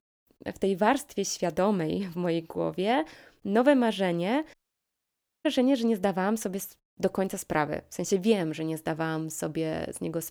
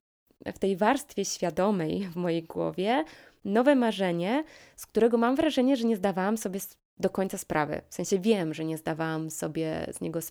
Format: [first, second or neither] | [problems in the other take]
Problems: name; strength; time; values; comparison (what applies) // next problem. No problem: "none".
second | audio cutting out; at 4.5 s for 1 s